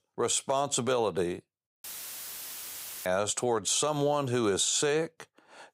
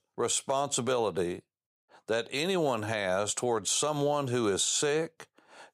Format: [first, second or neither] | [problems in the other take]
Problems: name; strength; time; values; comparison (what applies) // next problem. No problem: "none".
second | audio cutting out; filled with static; at 2 s for 1 s